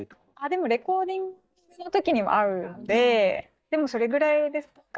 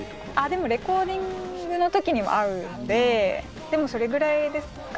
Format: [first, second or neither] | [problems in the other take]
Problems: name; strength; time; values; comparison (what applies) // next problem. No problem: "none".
second | noise reduction (neural mask model DeepFilterNet 3)